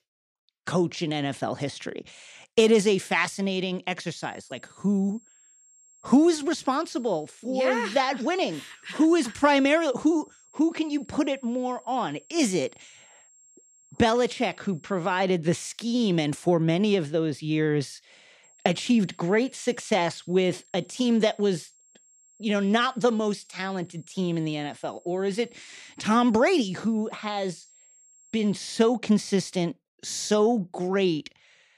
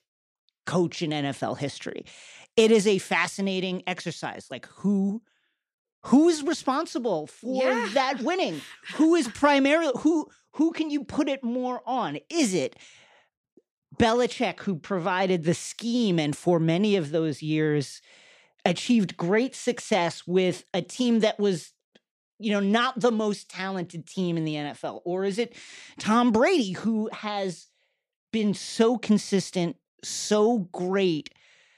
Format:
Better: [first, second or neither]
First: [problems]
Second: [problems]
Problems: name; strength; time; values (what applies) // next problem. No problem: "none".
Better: second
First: high-pitched whine; faint; from 4 to 15 s and from 18 to 29 s; 7.5 kHz, 30 dB below the speech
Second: none